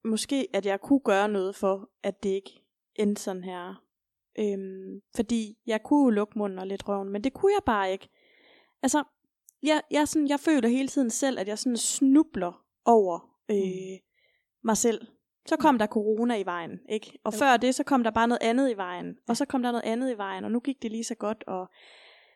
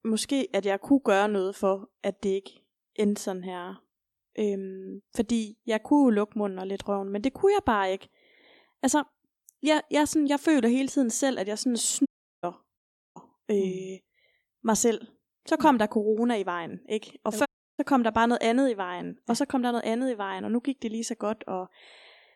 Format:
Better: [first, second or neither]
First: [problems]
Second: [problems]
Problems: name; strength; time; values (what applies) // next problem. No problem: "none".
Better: first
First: none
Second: audio cutting out; at 12 s, at 13 s and at 17 s